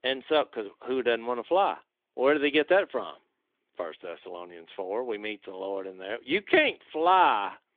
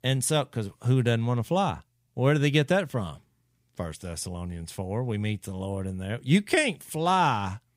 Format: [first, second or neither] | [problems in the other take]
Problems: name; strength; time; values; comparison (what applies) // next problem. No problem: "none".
second | phone-call audio; nothing above 3.5 kHz